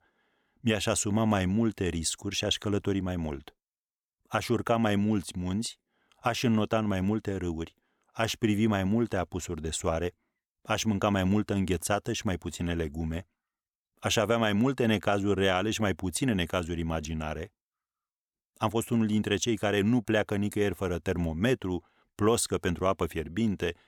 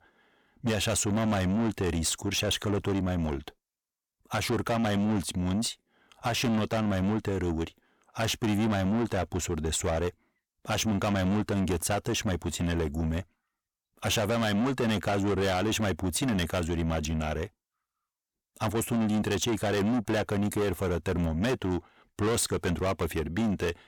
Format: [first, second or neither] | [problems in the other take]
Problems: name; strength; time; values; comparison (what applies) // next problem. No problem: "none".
first | distortion; heavy; 7 dB below the speech